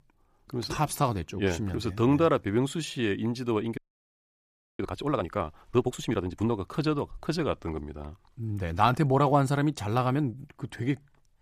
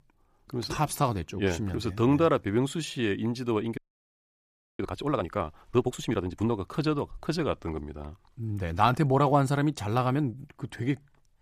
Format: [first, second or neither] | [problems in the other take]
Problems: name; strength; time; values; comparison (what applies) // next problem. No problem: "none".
neither | audio freezing; at 4 s for 1 s; the same in both